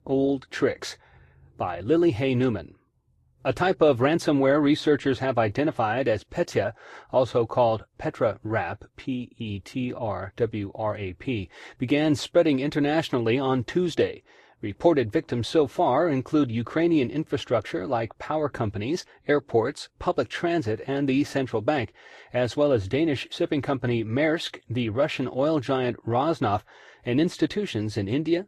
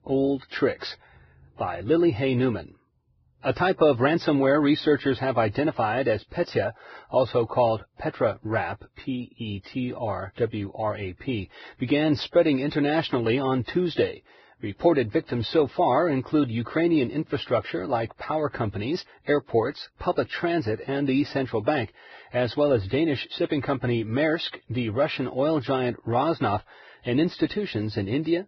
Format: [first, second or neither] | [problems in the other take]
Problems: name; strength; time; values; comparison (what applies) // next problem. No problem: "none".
first | garbled, watery; badly; nothing above 5.5 kHz; slightly in the first